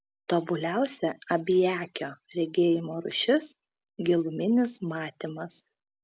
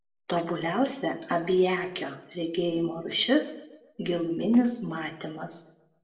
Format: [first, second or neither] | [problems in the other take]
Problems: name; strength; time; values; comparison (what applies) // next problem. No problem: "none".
first | noise reduction (neural separator model SepFormer DNS4)